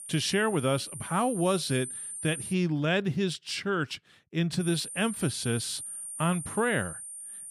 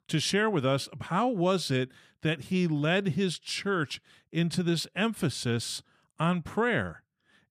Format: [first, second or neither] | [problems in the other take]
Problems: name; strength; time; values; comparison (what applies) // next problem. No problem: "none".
second | high-pitched whine; loud; until 2.5 s and from 4.5 s on; 9 kHz, 8 dB below the speech